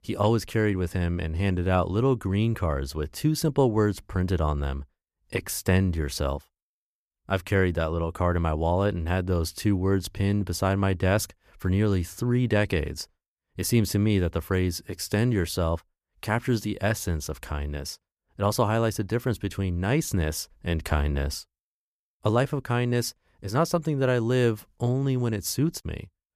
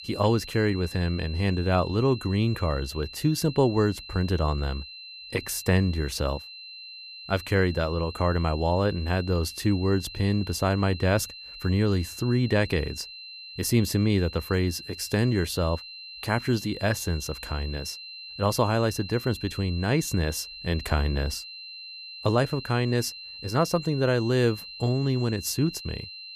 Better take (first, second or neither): first